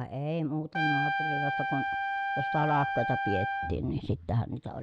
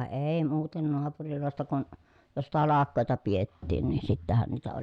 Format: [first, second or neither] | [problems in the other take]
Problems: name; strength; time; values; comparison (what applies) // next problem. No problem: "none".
second | background sound (Trumpet); 1 dB above the speech